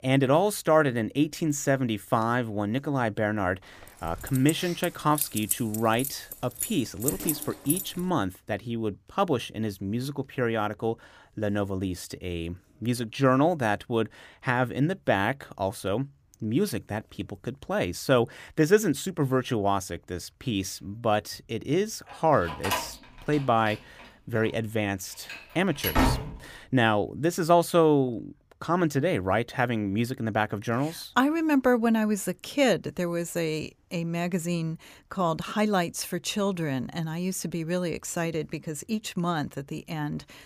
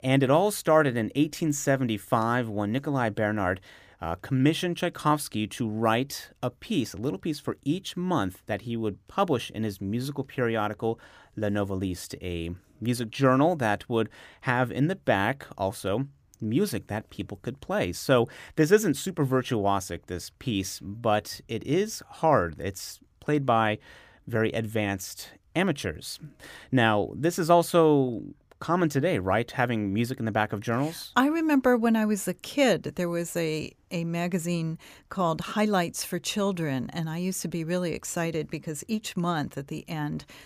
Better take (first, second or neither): second